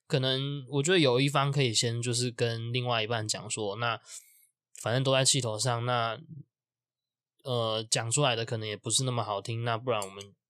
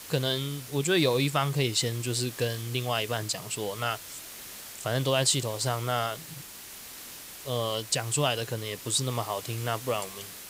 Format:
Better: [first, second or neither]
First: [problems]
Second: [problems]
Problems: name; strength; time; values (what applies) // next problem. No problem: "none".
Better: first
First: none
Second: hiss; noticeable; throughout; 10 dB below the speech